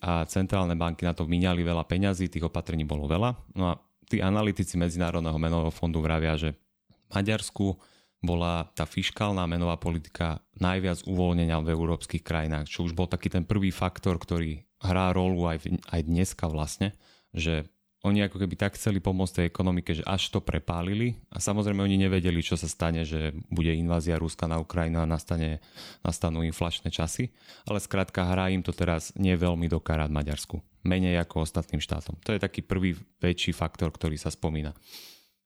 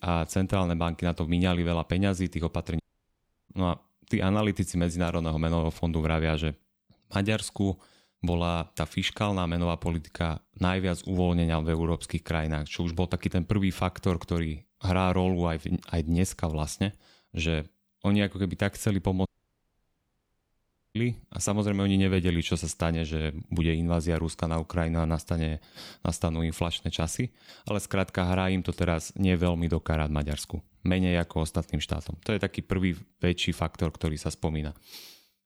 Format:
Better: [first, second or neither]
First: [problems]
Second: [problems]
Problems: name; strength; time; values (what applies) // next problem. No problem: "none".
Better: first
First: none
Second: audio cutting out; at 3 s for 0.5 s and at 19 s for 1.5 s